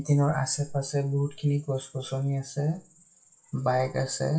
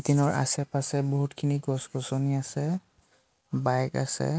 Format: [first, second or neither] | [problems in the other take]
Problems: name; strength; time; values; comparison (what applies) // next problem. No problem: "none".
second | noise reduction (classical method WPE with log-MMSE)